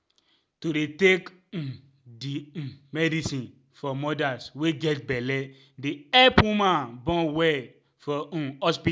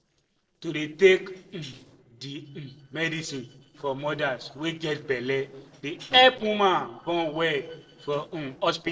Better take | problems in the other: first | noise reduction (neural separator model SepFormer DNS4)

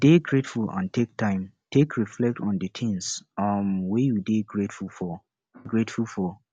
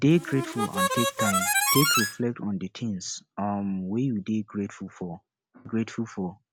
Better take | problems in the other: first | background sound (Harmonica); 2 dB above the speech

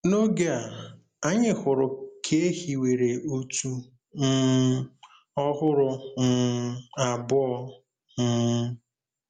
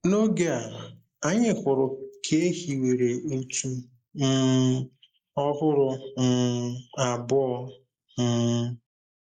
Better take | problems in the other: first | noise reduction (neural mask model Resemble Enhance denoiser)

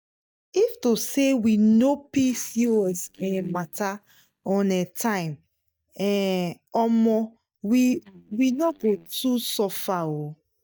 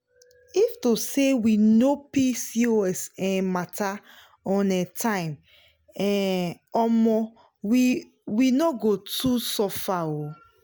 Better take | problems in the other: second | noise reduction (neural mask model DeepFilterNet 3)

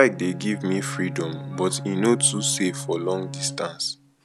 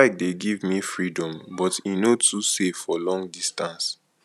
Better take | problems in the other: second | background sound (Bowed string instrument); 10 dB below the speech

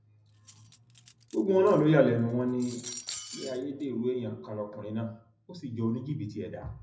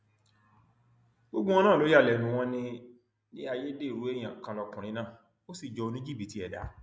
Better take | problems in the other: second | background sound (Cutlery, silverware); 16 dB below the speech // room echo; dies away in 0.4 s

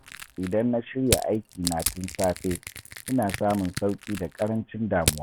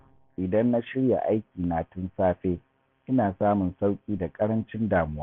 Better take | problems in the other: second | background sound (Crushing); 6 dB below the speech

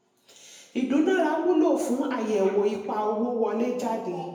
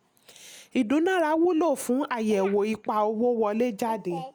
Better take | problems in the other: second | room echo; dies away in 0.9 s

